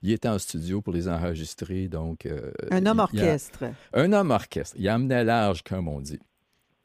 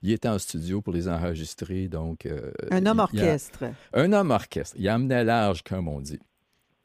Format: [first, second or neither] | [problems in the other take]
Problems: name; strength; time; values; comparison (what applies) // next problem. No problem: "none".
neither | none